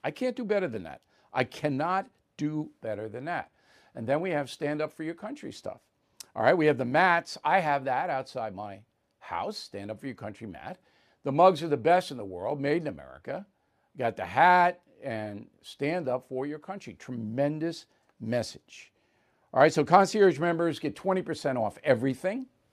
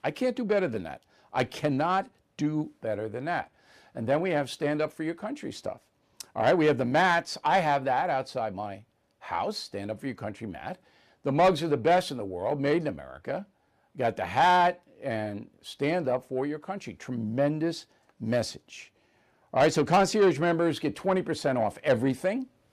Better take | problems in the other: first | distortion; slight; 10 dB below the speech

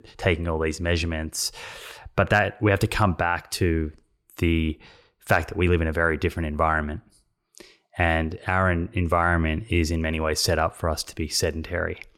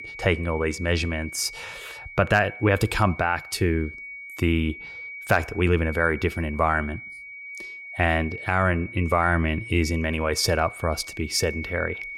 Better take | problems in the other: first | high-pitched whine; noticeable; throughout; 2.5 kHz, 15 dB below the speech

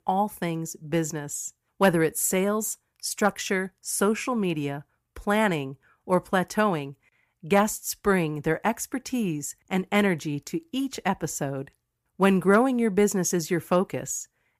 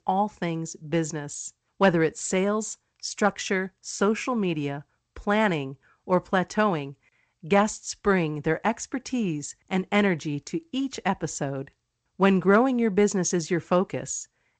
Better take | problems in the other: first | garbled, watery; slightly; nothing above 8 kHz

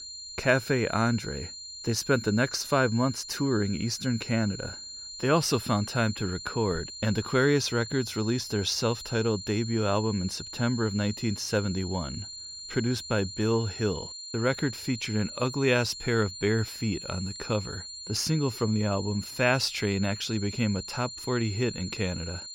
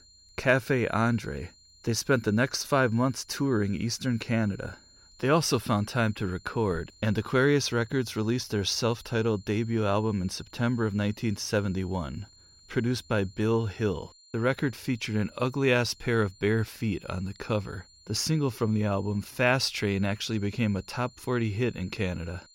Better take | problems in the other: second | high-pitched whine; loud; throughout; 4 kHz, 10 dB below the speech; faint in the second

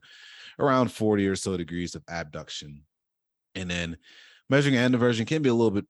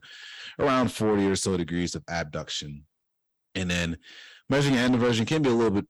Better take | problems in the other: first | distortion; heavy; 7 dB below the speech

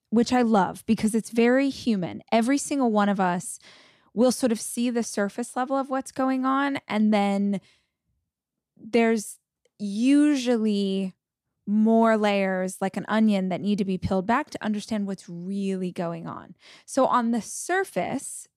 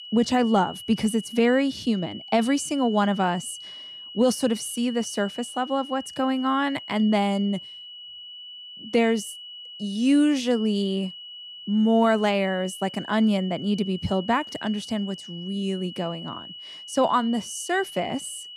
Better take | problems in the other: first | high-pitched whine; noticeable; throughout; 3 kHz, 15 dB below the speech

